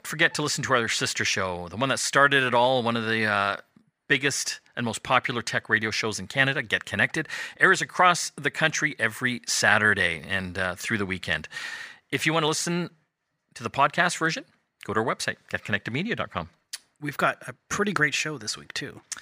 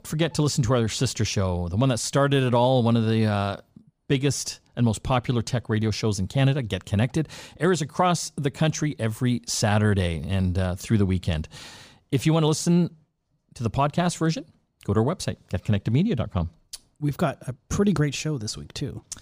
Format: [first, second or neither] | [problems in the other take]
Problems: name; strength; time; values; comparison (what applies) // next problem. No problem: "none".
second | thin; somewhat; fading below 550 Hz